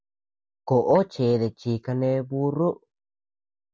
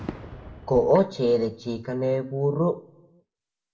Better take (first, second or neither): first